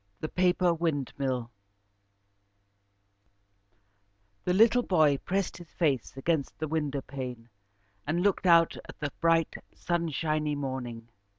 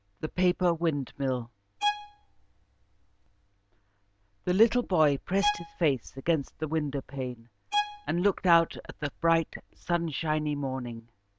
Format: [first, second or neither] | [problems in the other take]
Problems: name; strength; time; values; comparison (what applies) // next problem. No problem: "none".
first | background sound (Bowed string instrument); 7 dB below the speech